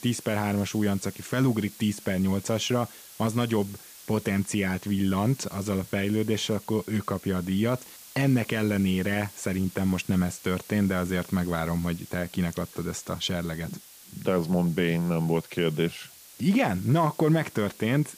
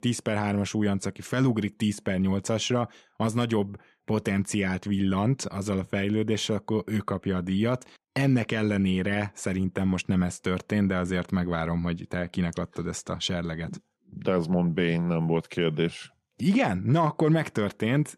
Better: second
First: hiss; noticeable; throughout; 20 dB below the speech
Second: none

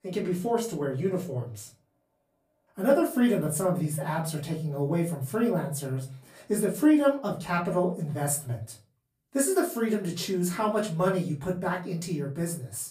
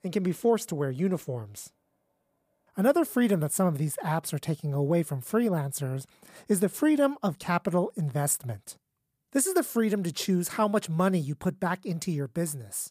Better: second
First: off-mic speech; far // room echo; very slight; dies away in 0.3 s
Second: none

